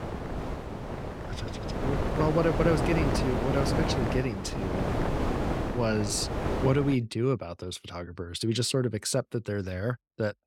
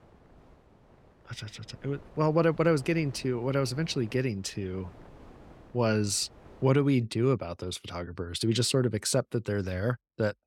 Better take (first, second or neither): second